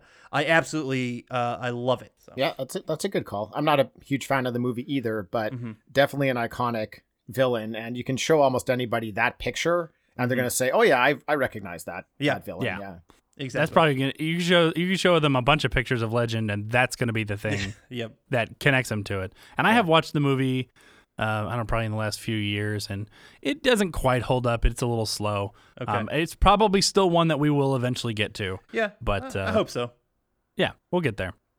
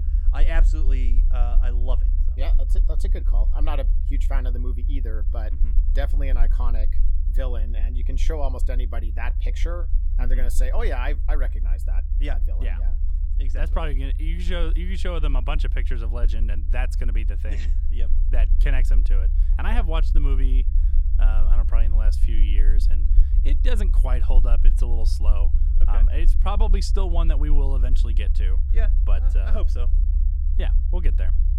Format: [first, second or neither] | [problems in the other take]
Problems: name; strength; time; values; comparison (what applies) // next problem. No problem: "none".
first | low rumble; noticeable; throughout; 10 dB below the speech